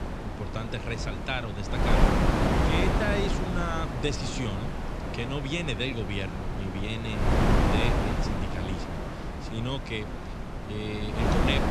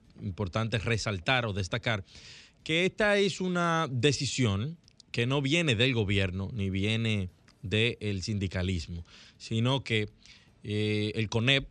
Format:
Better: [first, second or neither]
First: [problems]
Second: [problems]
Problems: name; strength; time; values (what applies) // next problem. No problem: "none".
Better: second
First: wind noise on the microphone; heavy; 2 dB above the speech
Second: none